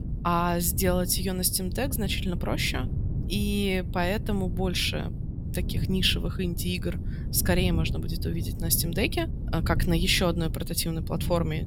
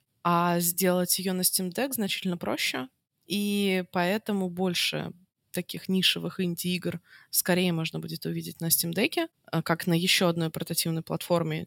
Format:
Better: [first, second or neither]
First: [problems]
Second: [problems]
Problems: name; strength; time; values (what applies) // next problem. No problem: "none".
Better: second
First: wind noise on the microphone; occasional gusts; 15 dB below the speech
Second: none